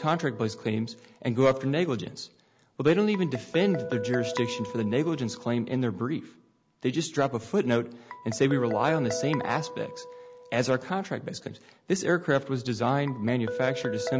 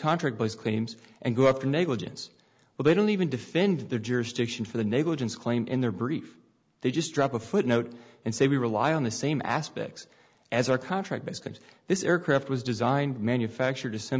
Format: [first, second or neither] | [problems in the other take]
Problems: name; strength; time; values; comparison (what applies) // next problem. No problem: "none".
second | background sound (Guitar); 11 dB below the speech